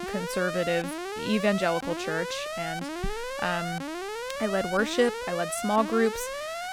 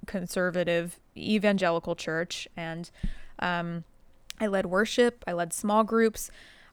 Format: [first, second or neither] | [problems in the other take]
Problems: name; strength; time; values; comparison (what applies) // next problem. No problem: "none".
second | alarm; noticeable; peak 5 dB below the speech